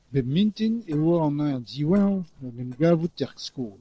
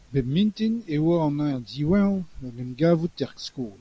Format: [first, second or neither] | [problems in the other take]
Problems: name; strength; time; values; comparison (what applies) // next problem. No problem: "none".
second | noise reduction (neural separator model SepFormer DNS4)